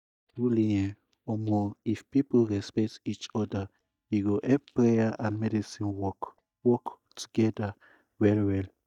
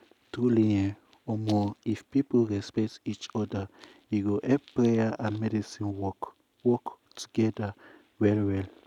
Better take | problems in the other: second | noise reduction (neural mask model DeepFilterNet 3)

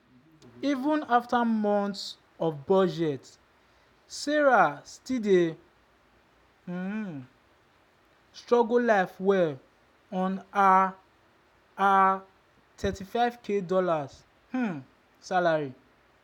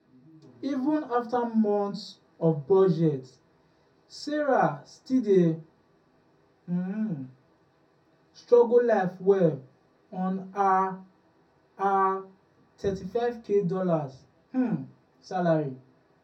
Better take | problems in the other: first | room echo; dies away in 0.3 s

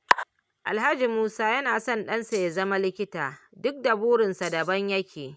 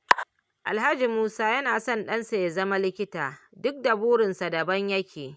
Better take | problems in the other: second | background sound (Rattle (instrument)); 20 dB below the speech

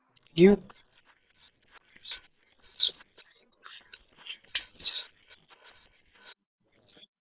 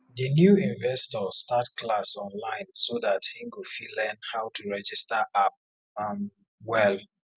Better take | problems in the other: second | noise reduction (neural separator model SepFormer WHAM!)

